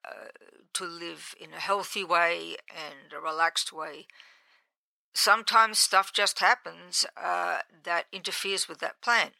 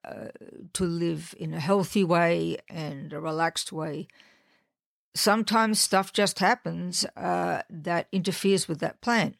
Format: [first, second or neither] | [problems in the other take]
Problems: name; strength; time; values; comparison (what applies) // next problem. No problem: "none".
second | thin; very; fading below 650 Hz